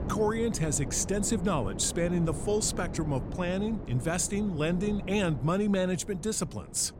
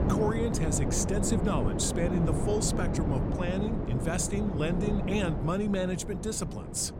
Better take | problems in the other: first | wind noise on the microphone; heavy; 4 dB below the speech; occasional gusts in the first

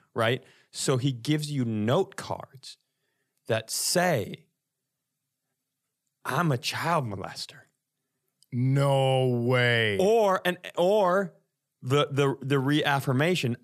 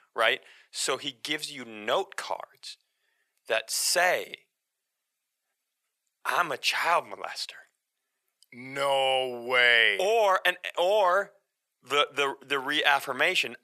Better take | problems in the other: first | thin; very; fading below 650 Hz

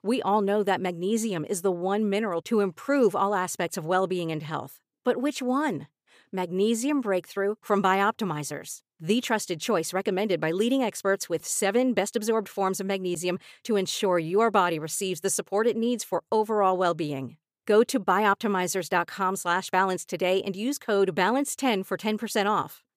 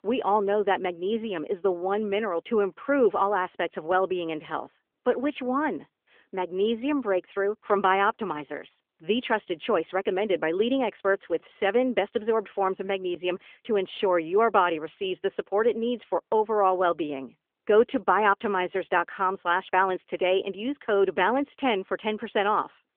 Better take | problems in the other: first | phone-call audio; nothing above 3.5 kHz

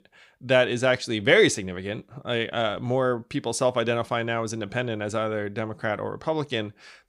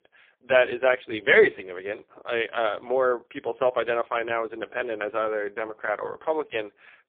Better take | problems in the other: first | phone-call audio; poor line; nothing above 3 kHz

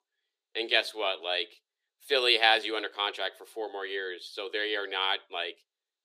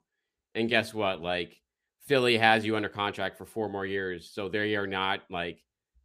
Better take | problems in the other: second | thin; very; fading below 350 Hz

